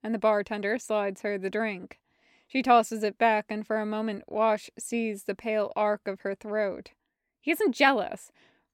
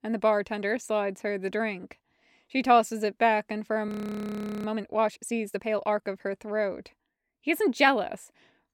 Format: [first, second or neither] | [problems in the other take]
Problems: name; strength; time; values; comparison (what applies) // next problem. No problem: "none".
first | audio freezing; at 4 s for 1 s